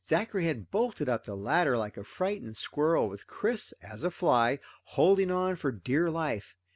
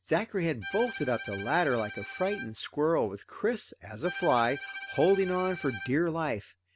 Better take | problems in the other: first | background sound (Bowed string instrument); 12 dB below the speech

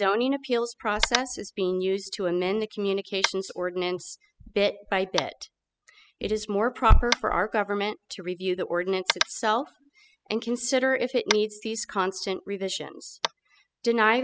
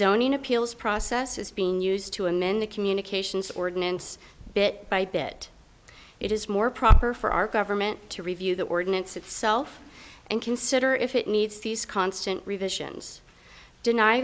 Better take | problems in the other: second | noise reduction (classical method spectral subtraction)

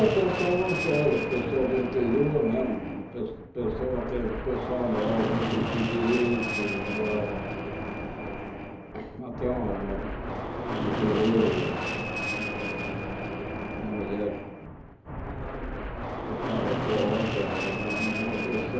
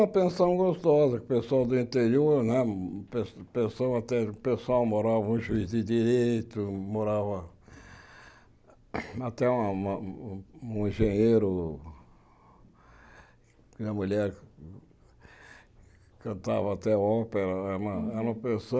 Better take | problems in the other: second | background sound (Fixed-wing aircraft, airplane); 2 dB below the speech // room echo; dies away in 1.2 s

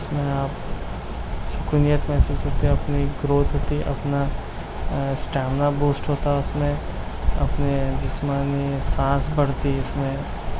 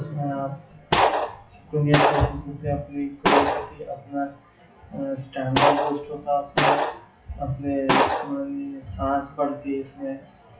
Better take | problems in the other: first | noise reduction (classical method WPE with log-MMSE)

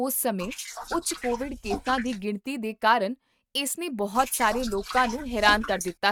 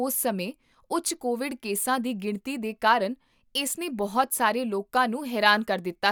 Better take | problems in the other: second | noise reduction (neural mask model RNNoise)

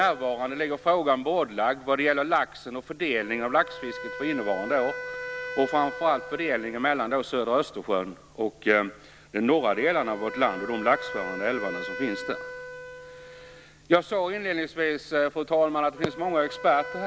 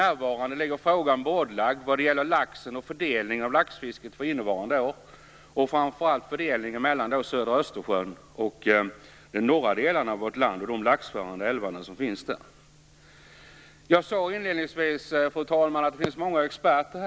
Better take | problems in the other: second | background sound (Wind instrument, woodwind instrument); 13 dB below the speech

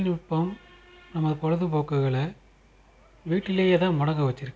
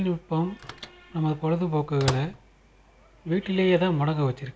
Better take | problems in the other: first | background sound (Microwave oven); 11 dB below the speech

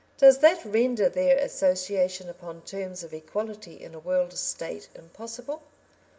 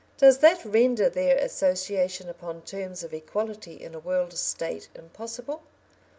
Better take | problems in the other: second | room echo; dies away in 1 s

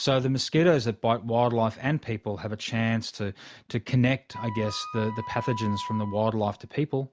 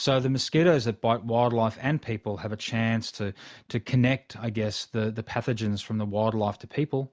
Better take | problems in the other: second | background sound (Wind instrument, woodwind instrument); 11 dB below the speech

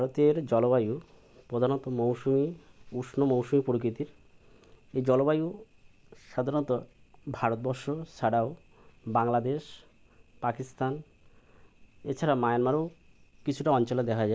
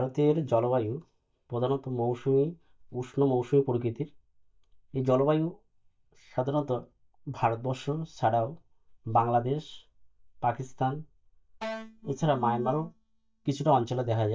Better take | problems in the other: first | noise reduction (neural mask model DeepFilterNet 3)

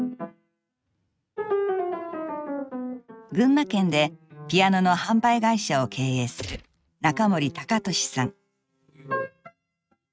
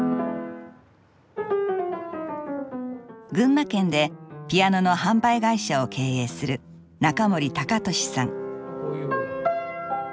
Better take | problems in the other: second | noise reduction (neural mask model RNNoise)

